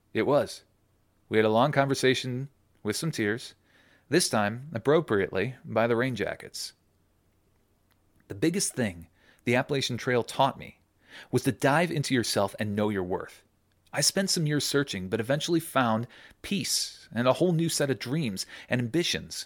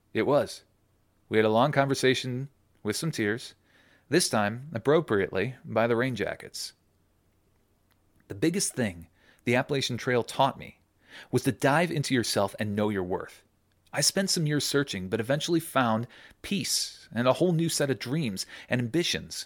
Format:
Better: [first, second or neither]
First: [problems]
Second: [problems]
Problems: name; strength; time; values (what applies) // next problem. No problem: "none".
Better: neither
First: none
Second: none